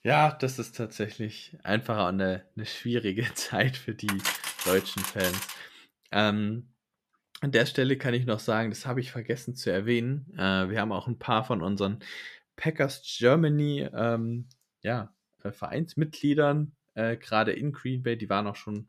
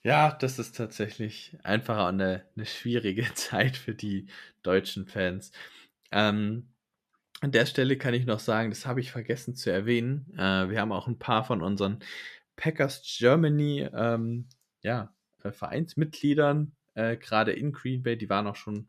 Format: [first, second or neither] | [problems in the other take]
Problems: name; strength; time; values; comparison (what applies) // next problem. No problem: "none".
second | clattering dishes; noticeable; from 4 to 5.5 s; peak 1 dB below the speech